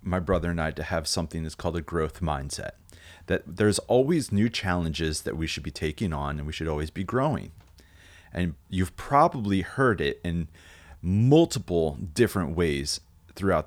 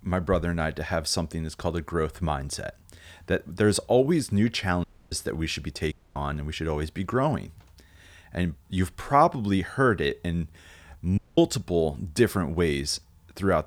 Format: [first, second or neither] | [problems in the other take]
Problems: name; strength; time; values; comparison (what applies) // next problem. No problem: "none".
first | audio cutting out; at 5 s, at 6 s and at 11 s